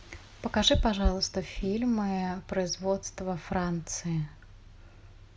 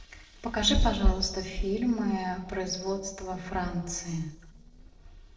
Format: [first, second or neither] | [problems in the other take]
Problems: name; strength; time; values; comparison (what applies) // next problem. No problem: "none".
first | noise reduction (neural separator model SepFormer DNS4)